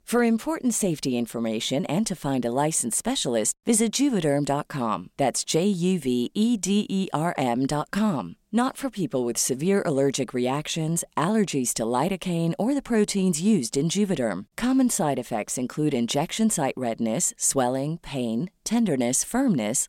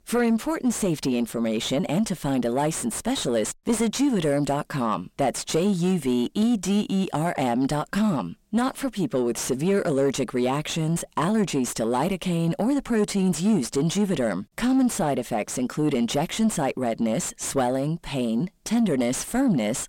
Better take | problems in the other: first | distortion; slight; 10 dB below the speech

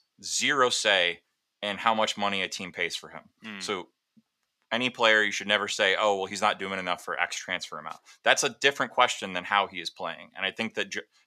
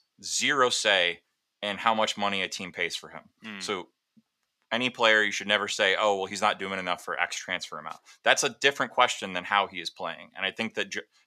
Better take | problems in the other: neither | thin; somewhat; fading below 900 Hz; the same in both

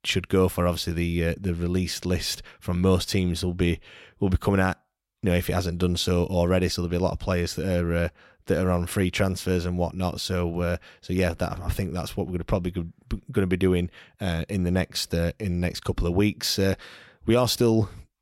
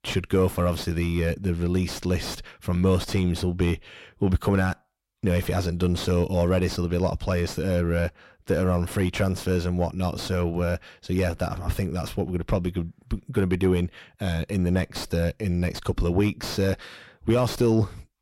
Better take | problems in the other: first | distortion; slight; 9 dB below the speech

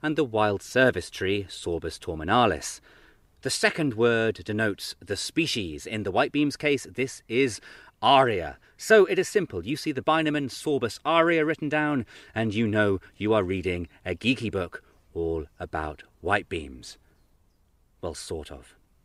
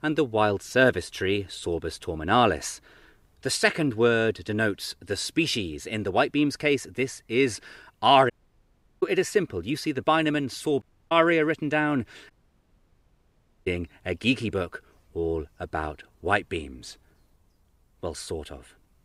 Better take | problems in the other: first | audio cutting out; at 8.5 s for 0.5 s, at 11 s and at 12 s for 1.5 s

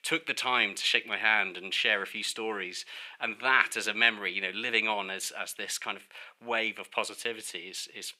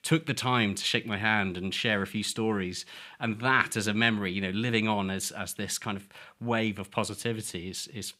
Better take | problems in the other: second | thin; very; fading below 500 Hz

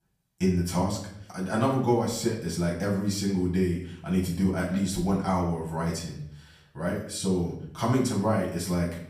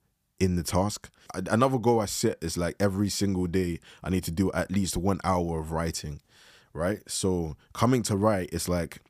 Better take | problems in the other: second | off-mic speech; far // room echo; slight; dies away in 0.6 s

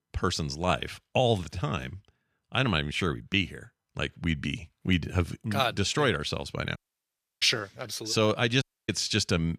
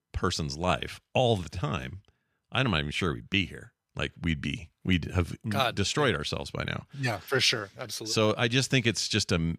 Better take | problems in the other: second | audio cutting out; at 7 s for 0.5 s and at 8.5 s

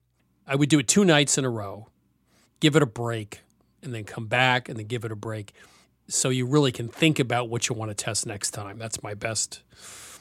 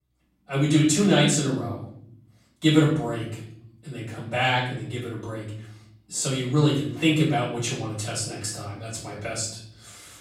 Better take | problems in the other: first | off-mic speech; far // room echo; noticeable; dies away in 0.7 s

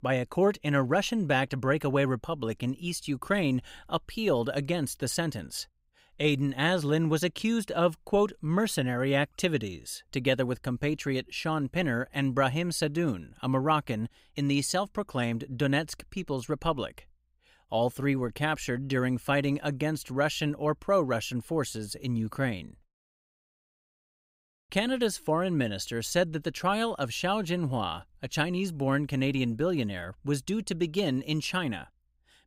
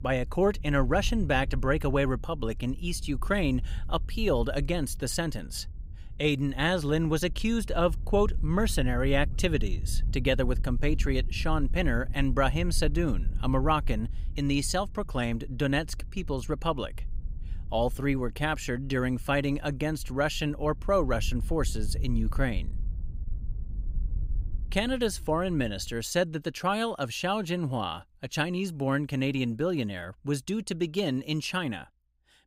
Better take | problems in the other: first | wind noise on the microphone; occasional gusts; until 26 s; 25 dB below the speech

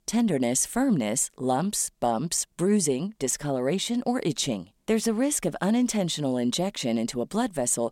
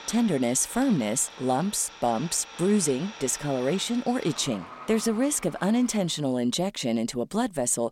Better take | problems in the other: first | traffic noise; noticeable; until 6 s; 15 dB below the speech

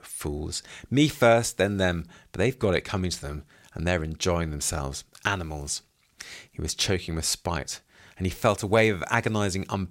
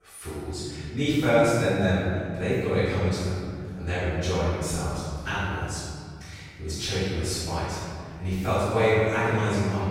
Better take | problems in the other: first | room echo; strong; dies away in 2.2 s // off-mic speech; far

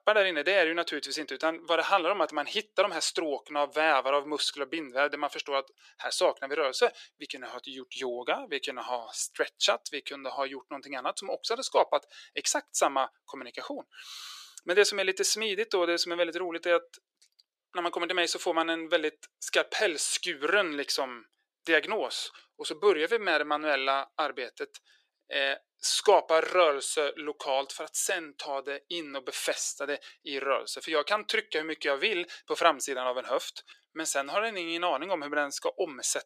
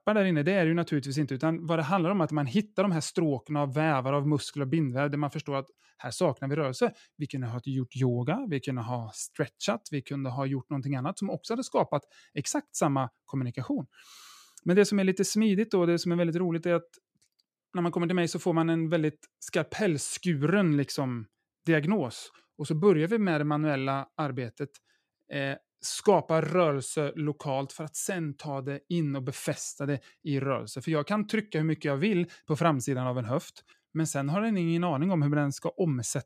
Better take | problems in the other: second | thin; very; fading below 400 Hz

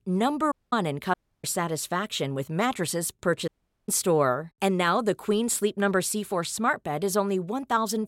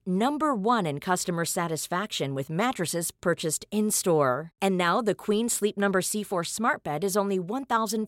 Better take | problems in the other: second | audio cutting out; at 0.5 s, at 1 s and at 3.5 s

